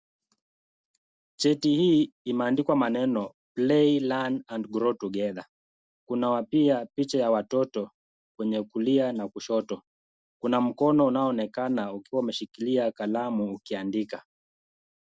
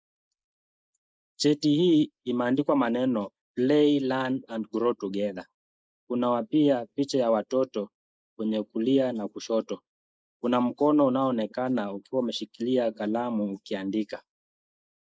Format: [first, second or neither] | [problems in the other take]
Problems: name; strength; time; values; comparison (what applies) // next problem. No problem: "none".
first | noise reduction (neural mask model Resemble Enhance denoiser)